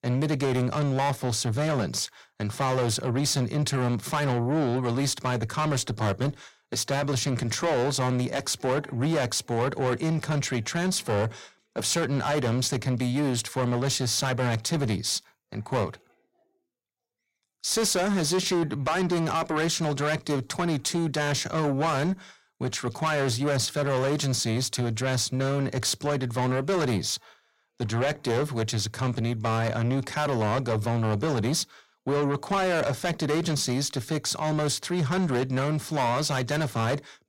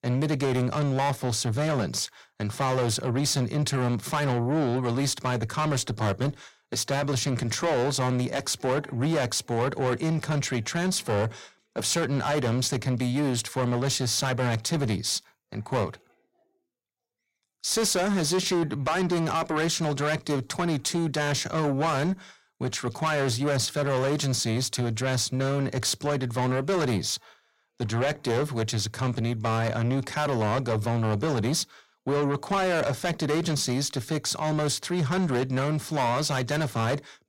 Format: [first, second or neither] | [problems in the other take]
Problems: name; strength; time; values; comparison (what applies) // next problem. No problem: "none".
neither | distortion; heavy; 6 dB below the speech; the same in both